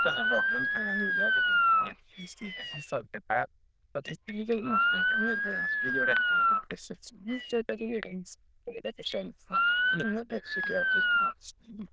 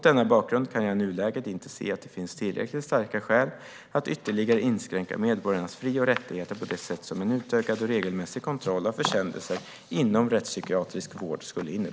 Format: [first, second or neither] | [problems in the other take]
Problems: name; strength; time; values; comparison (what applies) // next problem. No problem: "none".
second | noise reduction (neural diffusion model UNIVERSE++)